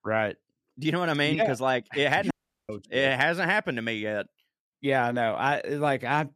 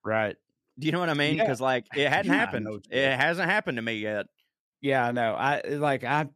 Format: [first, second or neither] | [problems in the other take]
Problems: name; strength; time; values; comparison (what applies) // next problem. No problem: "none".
second | audio cutting out; at 2.5 s